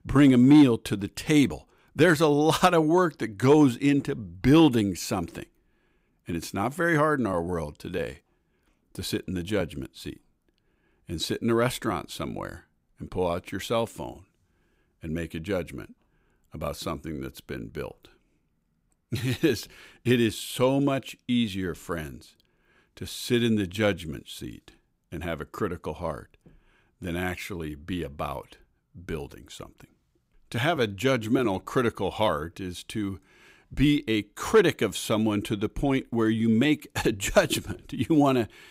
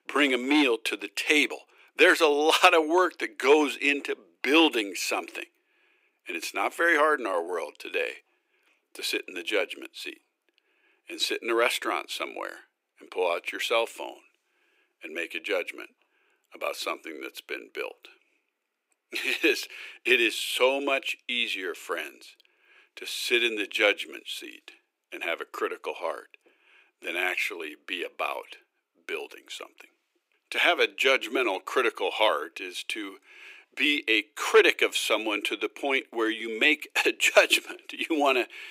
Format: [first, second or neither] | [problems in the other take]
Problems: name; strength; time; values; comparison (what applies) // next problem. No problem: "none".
first | thin; somewhat; fading below 350 Hz